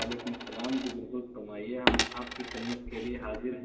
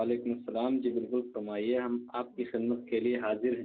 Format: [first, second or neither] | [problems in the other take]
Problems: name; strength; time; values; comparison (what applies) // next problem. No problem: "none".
second | background sound (Coin (dropping)); 1 dB above the speech // room echo; dies away in 2.3 s